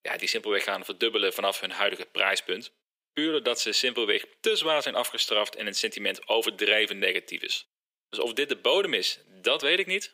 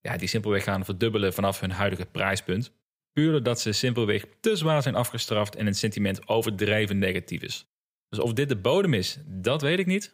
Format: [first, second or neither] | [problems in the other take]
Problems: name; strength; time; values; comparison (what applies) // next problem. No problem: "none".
second | thin; very; fading below 300 Hz